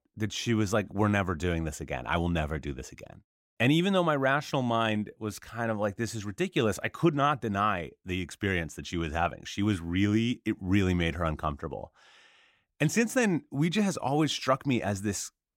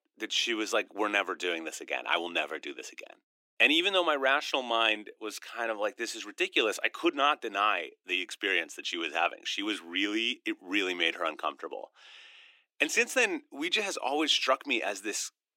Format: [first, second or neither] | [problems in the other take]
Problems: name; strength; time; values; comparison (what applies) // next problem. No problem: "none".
first | thin; somewhat; fading below 300 Hz